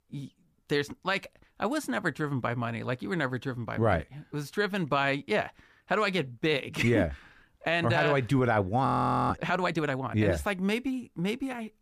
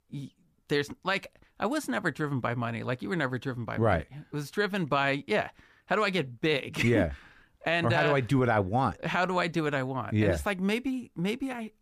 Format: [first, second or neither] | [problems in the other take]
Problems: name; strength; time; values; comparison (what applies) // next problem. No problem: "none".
second | audio freezing; at 9 s